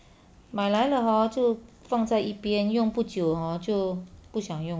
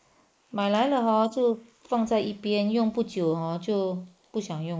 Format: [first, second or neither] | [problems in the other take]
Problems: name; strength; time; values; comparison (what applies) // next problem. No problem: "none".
first | noise reduction (neural mask model Resemble Enhance denoiser)